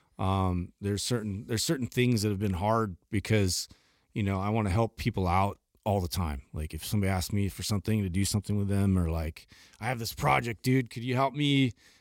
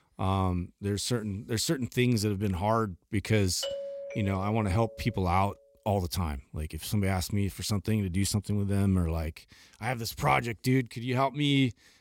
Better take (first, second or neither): first